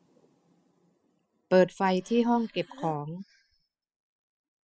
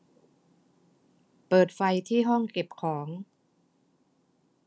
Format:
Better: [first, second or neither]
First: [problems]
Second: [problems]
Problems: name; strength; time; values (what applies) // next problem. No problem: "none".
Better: second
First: noise reduction (classical method spectral subtraction)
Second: none